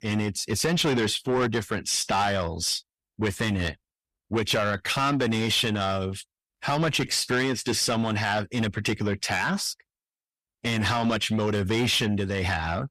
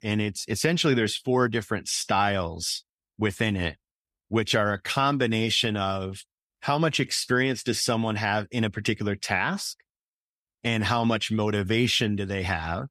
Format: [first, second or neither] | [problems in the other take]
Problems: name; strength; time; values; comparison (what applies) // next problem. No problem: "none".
second | distortion; heavy; 8 dB below the speech